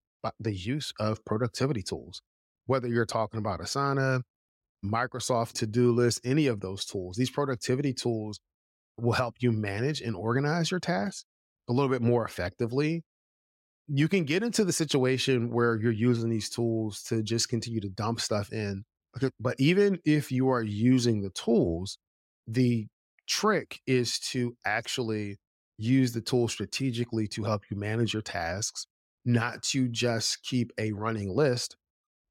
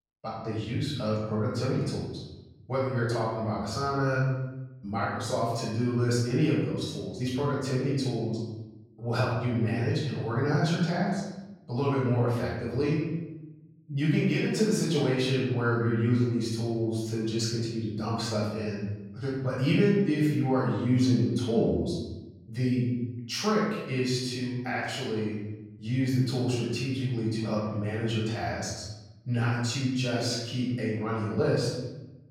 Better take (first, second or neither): first